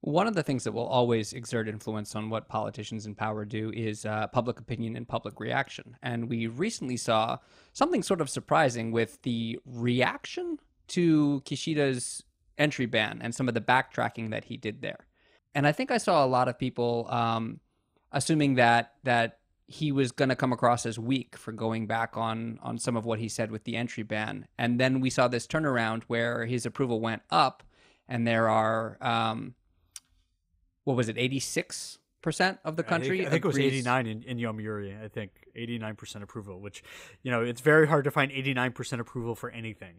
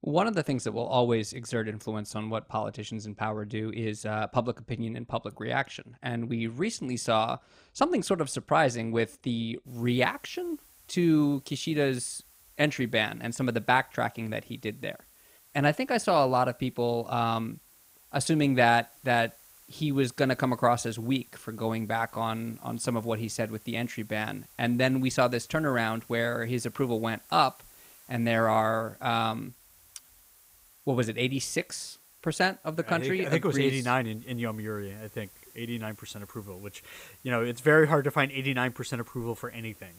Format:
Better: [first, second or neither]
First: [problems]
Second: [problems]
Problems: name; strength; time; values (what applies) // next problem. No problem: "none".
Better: first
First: none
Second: hiss; faint; from 9.5 s on; 25 dB below the speech